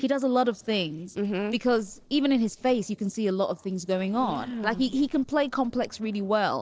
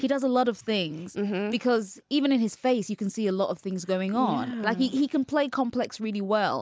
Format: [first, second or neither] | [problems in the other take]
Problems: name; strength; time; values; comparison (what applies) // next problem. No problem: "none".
second | noise reduction (neural separator model SepFormer DNS4)